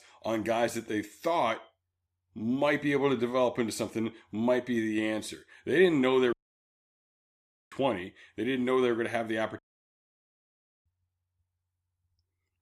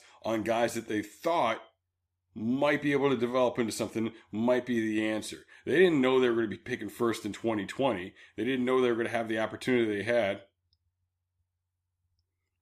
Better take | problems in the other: second | audio cutting out; at 6.5 s for 1.5 s and at 9.5 s for 1.5 s

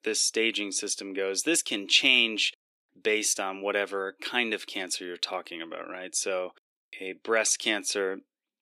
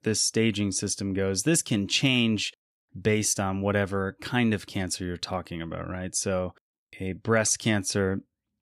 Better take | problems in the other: second | thin; somewhat; fading below 350 Hz

